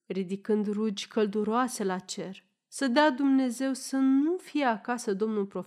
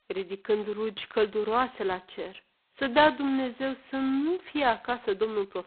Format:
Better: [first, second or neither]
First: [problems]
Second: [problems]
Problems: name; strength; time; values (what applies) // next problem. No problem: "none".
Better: first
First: none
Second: phone-call audio; poor line; nothing above 4 kHz